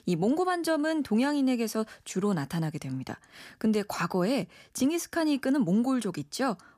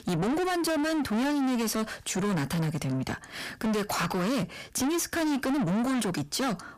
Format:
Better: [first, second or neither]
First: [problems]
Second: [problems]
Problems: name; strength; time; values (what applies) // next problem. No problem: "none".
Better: first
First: none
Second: distortion; heavy; 6 dB below the speech